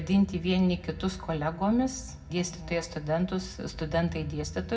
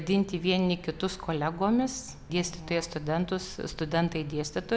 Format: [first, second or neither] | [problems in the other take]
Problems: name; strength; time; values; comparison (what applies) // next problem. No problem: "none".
second | background sound (Bass guitar); 17 dB below the speech // room echo; dies away in 0.4 s